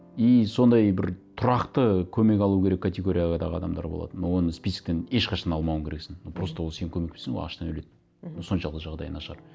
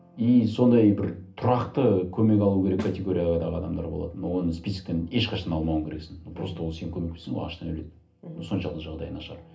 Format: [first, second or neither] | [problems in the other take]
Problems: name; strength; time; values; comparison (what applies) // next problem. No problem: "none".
first | background sound (Snare drum); 15 dB below the speech // room echo; dies away in 0.3 s